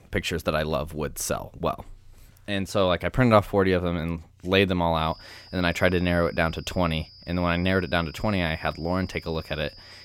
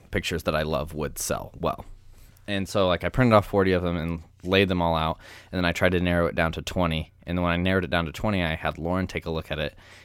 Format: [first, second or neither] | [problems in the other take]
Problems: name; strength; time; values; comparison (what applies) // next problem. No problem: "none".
second | high-pitched whine; faint; from 5 s on; 5 kHz, 20 dB below the speech